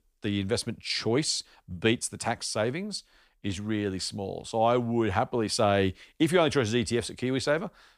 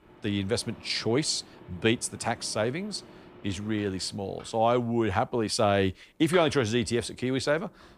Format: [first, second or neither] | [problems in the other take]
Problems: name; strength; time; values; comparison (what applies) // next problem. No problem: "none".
first | machinery noise; faint; throughout; 20 dB below the speech